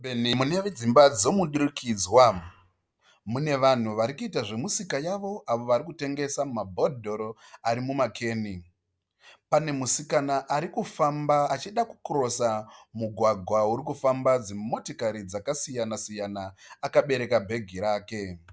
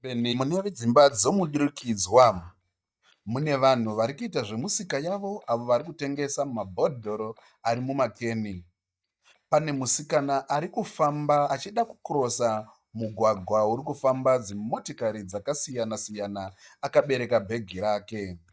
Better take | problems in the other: first | noise reduction (neural mask model DeepFilterNet 3)

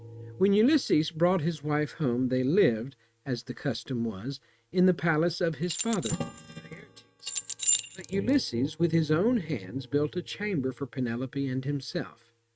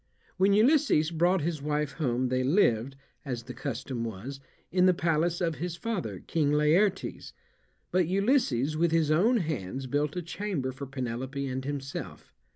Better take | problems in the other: second | noise reduction (neural mask model RNNoise)

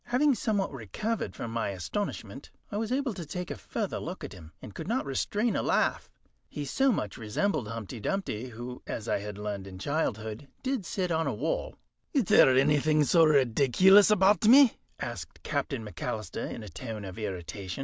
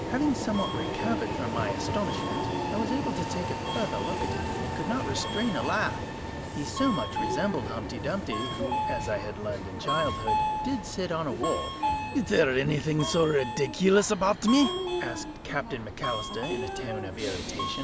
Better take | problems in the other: first | background sound (Subway, metro, underground); 2 dB below the speech

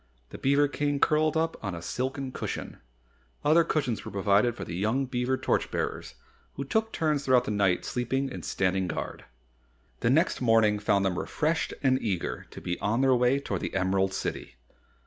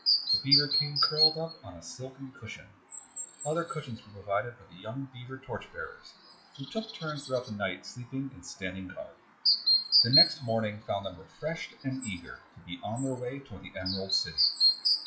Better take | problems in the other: first | noise reduction (classical method WPE with log-MMSE)

